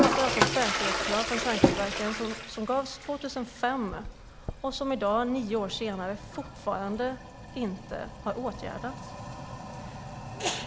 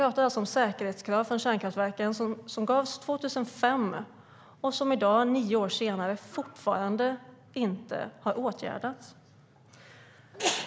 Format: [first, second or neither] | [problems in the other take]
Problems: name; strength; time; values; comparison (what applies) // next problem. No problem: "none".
second | background sound (Toilet flush); 1 dB below the speech